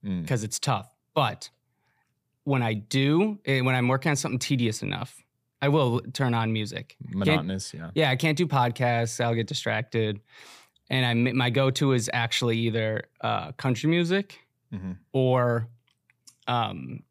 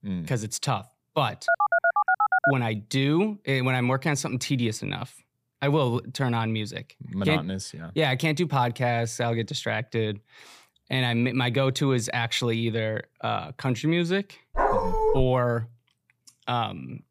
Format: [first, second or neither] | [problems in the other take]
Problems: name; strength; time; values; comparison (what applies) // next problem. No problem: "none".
first | phone ringing; loud; from 1.5 to 2.5 s; peak 5 dB above the speech // dog barking; loud; at 15 s; peak 2 dB above the speech